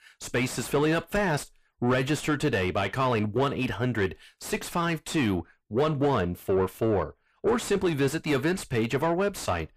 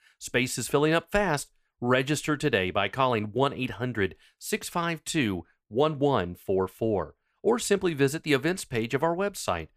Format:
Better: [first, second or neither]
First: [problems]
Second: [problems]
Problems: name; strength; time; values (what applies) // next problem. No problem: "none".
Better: second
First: distortion; heavy; 7 dB below the speech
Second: none